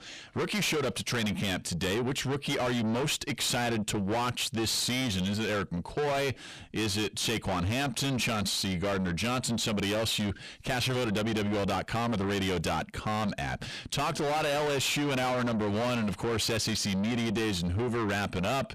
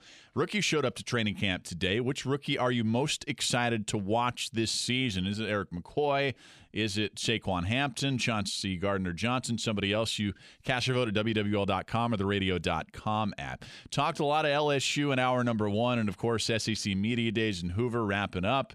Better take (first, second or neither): second